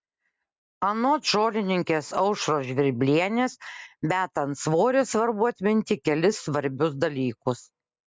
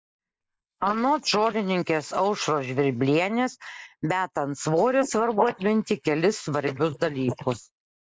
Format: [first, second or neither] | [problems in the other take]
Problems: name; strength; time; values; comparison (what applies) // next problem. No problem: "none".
first | noise reduction (neural mask model Resemble Enhance denoiser)